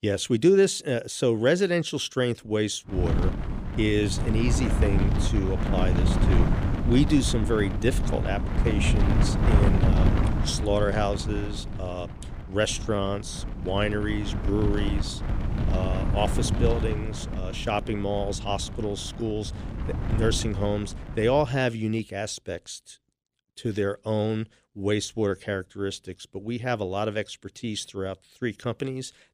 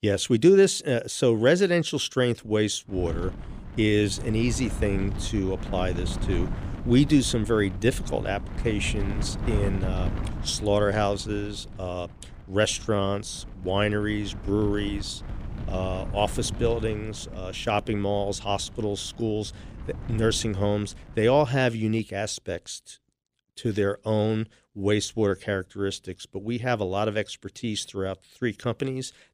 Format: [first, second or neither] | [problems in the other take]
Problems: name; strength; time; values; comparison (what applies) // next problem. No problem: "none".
second | wind noise on the microphone; heavy; from 3 to 22 s; 7 dB below the speech; occasional gusts in the second